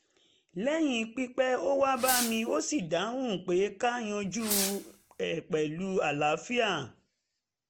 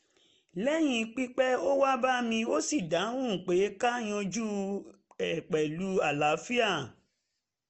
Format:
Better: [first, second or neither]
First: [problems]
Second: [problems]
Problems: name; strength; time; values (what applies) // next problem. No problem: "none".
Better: second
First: background sound (Fireworks); 5 dB below the speech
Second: none